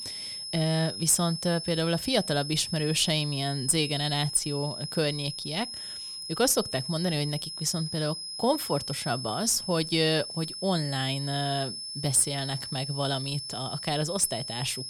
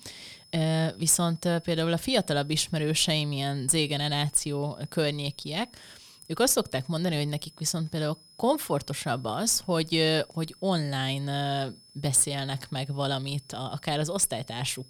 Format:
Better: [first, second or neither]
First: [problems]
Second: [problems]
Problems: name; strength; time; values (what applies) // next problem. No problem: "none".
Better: second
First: high-pitched whine; loud; throughout; 5.5 kHz, 7 dB below the speech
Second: high-pitched whine; faint; throughout; 5.5 kHz, 25 dB below the speech